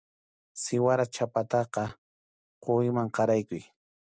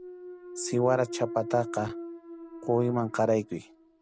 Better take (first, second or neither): first